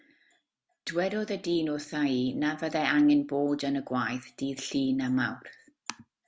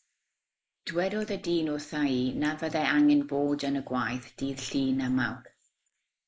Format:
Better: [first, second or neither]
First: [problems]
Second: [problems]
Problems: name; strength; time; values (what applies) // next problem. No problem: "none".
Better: first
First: none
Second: noise reduction (neural mask model Resemble Enhance denoiser)